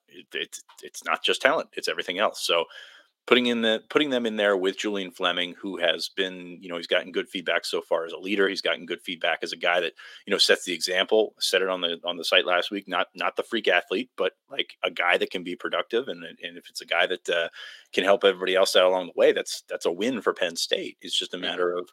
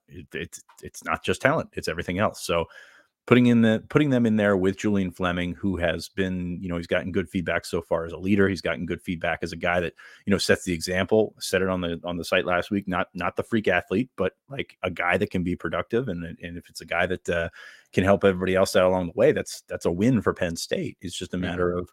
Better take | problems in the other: second | thin; somewhat; fading below 350 Hz

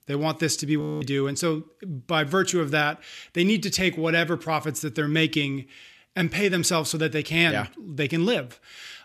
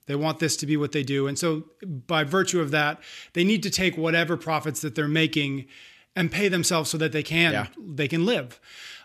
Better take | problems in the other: second | audio freezing; at 1 s

